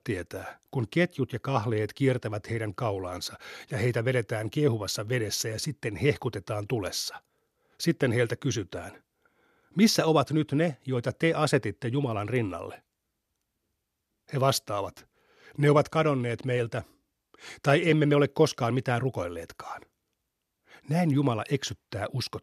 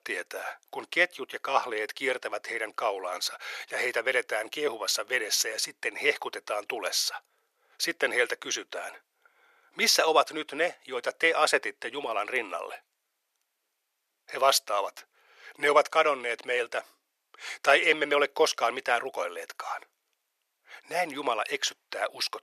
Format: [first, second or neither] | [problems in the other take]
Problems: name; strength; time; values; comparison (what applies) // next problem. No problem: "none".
first | thin; very; fading below 550 Hz